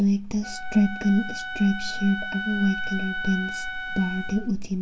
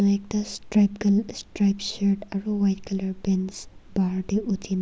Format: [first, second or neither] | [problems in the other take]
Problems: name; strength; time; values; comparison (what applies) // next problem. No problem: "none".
second | background sound (Wind instrument, woodwind instrument); 9 dB below the speech // room echo; dies away in 0.2 s